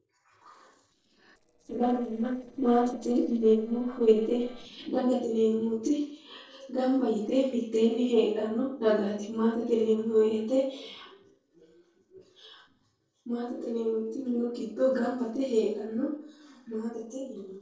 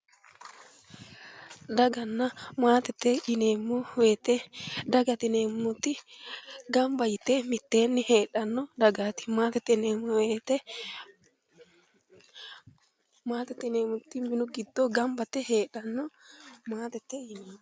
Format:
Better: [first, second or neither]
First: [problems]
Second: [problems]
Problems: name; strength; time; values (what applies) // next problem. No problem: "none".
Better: second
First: noise reduction (neural separator model SepFormer DNS4)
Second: none